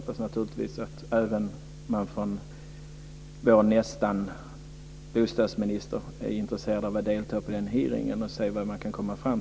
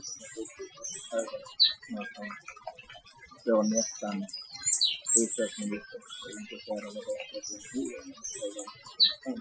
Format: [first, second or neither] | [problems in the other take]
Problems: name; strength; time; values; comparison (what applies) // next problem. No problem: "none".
first | noise reduction (classical method Wiener filter)